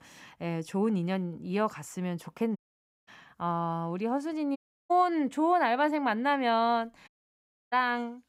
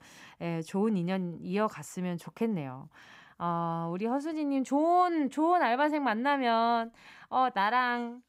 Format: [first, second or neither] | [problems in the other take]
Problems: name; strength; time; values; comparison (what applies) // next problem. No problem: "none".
second | audio cutting out; at 2.5 s for 0.5 s, at 4.5 s and at 7 s for 0.5 s